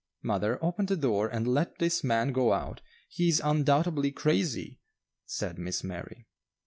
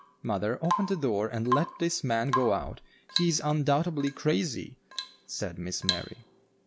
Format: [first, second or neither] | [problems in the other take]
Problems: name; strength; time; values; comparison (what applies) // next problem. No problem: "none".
first | background sound (Drip / Water tap, faucet / Rain); 7 dB below the speech